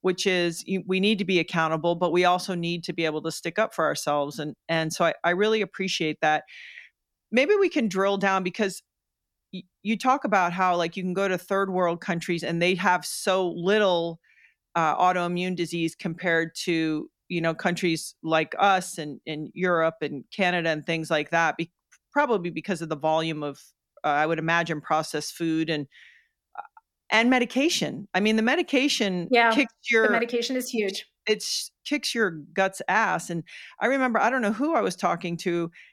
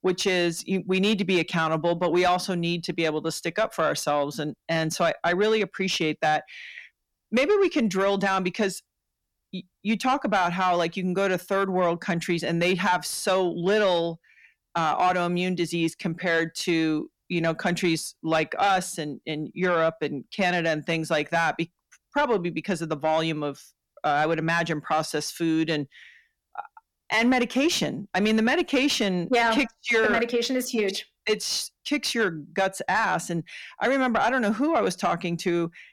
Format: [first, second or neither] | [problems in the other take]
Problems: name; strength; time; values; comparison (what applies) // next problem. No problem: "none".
first | distortion; slight; 10 dB below the speech